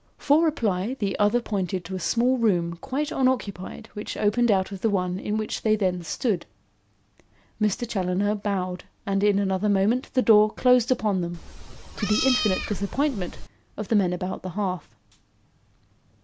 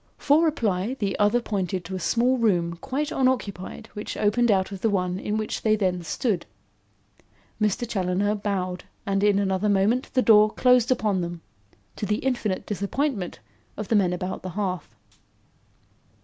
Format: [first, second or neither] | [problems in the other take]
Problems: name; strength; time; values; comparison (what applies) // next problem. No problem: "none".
second | background sound (Meow); 6 dB below the speech